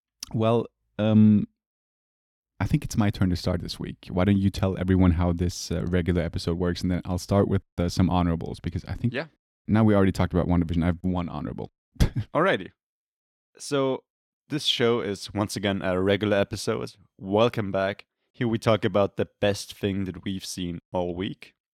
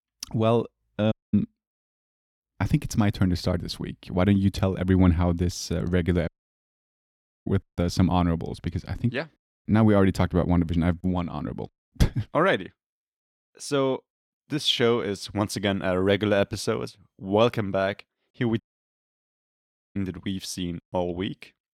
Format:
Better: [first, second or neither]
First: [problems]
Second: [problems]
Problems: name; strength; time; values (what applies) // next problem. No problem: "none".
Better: first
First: none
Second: audio cutting out; at 1 s, at 6.5 s for 1 s and at 19 s for 1.5 s